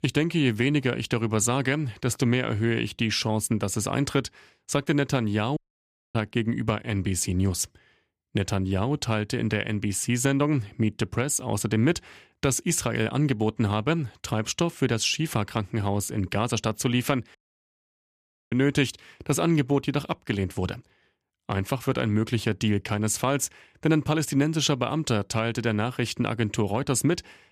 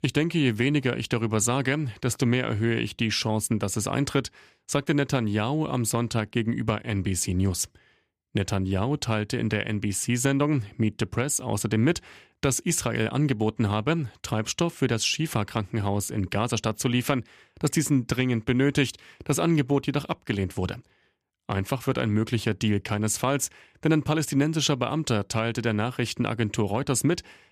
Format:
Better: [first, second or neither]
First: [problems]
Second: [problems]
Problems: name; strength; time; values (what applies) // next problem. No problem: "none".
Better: second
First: audio cutting out; at 5.5 s for 0.5 s and at 17 s for 1 s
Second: none